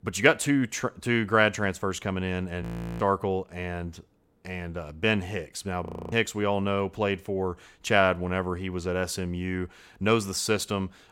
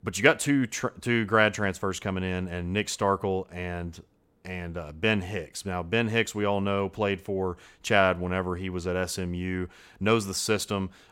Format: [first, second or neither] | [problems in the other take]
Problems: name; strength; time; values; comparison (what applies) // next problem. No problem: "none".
second | audio freezing; at 2.5 s and at 6 s